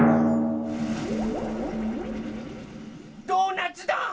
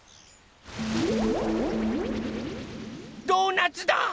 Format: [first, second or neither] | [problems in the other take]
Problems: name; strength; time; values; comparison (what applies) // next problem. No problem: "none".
second | background sound (Drum); 2 dB above the speech // room echo; dies away in 0.2 s